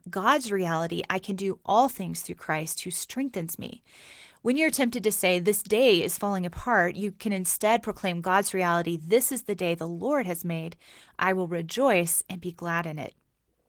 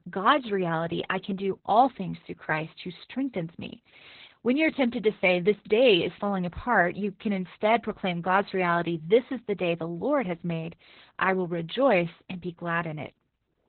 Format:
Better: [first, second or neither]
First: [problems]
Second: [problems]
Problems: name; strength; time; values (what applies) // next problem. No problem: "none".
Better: first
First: garbled, watery; slightly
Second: garbled, watery; badly